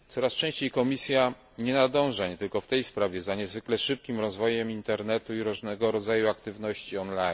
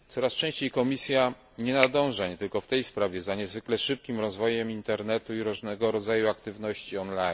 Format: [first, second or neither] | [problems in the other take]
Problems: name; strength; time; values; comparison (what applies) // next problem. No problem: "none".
first | background sound (Finger snapping); 12 dB below the speech